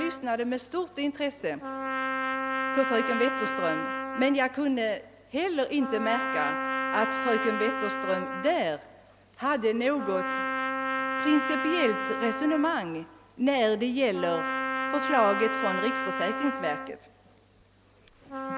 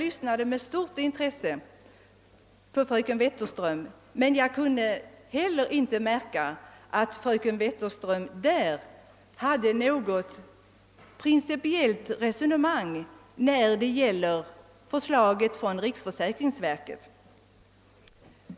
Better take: second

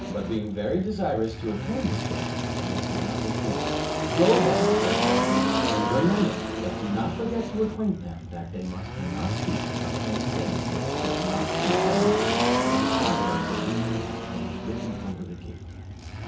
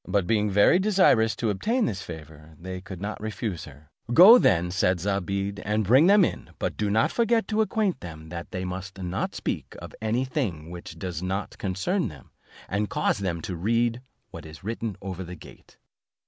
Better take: second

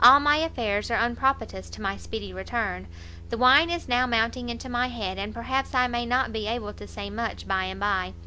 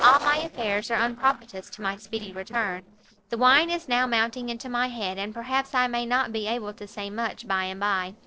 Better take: first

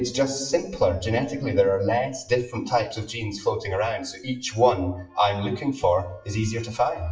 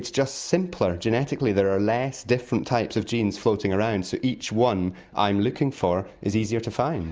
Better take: second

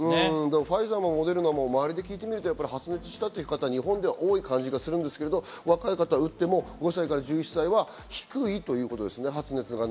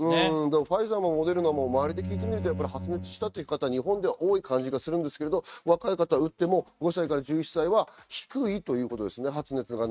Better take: first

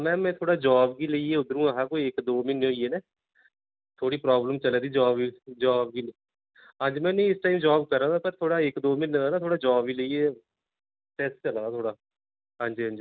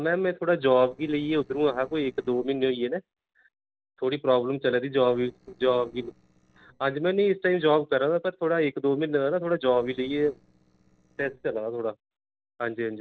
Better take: first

